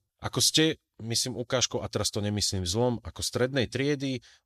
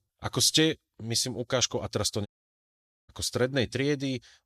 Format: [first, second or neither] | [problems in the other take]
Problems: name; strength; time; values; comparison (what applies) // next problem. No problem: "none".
first | audio cutting out; at 2.5 s for 1 s